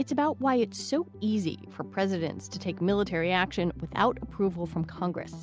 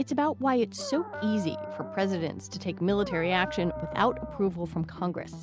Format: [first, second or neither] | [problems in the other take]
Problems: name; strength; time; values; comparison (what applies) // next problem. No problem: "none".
first | background sound (Dog); 10 dB below the speech